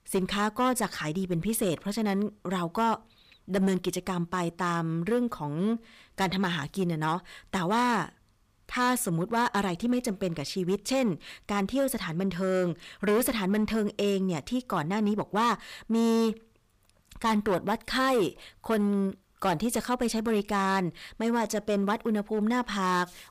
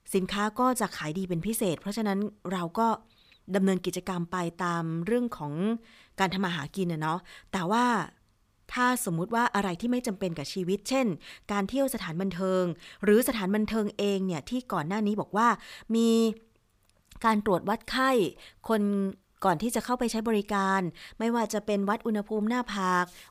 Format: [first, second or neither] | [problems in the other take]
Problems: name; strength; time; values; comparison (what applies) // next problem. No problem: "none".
second | distortion; slight; 6% of the sound clipped